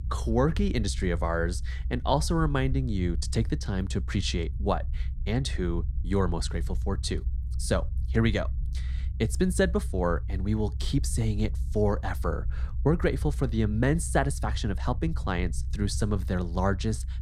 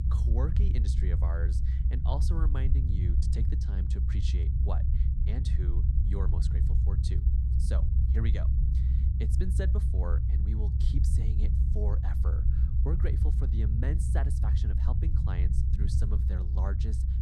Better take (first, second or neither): first